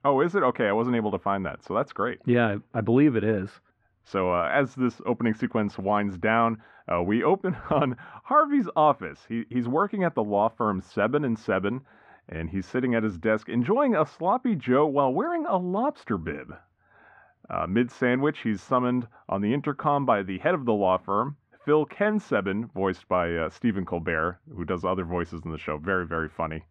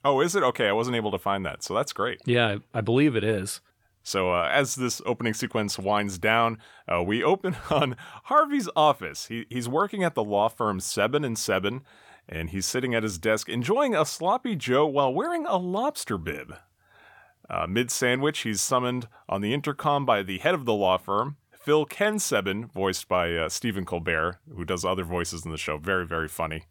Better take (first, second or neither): second